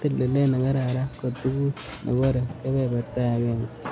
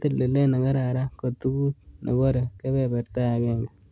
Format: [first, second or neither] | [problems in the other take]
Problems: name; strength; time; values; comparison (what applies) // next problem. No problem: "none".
second | background sound (Burping, eructation); 15 dB below the speech